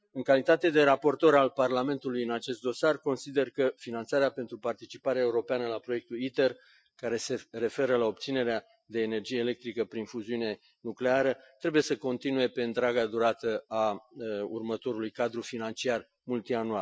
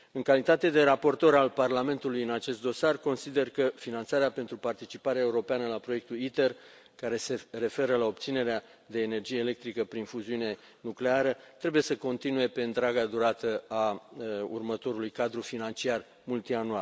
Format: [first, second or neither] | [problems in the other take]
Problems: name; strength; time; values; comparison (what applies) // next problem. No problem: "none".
second | noise reduction (classical method Wiener filter)